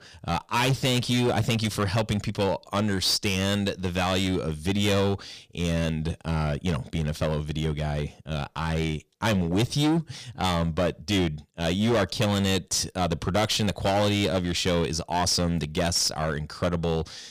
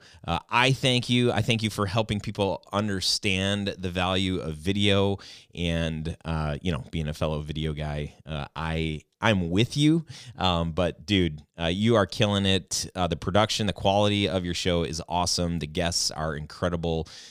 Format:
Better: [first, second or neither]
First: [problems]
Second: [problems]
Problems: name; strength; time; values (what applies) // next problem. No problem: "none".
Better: second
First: distortion; heavy; 12% of the sound clipped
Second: none